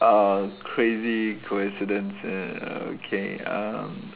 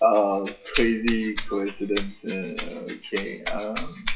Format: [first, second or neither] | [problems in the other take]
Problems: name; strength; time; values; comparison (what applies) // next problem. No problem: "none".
first | noise reduction (classical method WPE with log-MMSE)